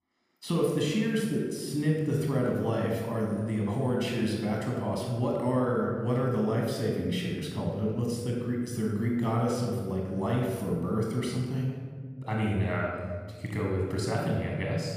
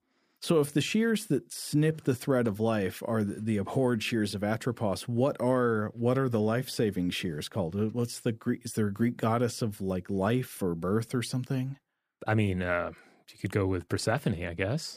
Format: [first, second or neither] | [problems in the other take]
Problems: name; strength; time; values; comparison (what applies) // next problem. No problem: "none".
second | off-mic speech; somewhat distant // room echo; noticeable; dies away in 1.6 s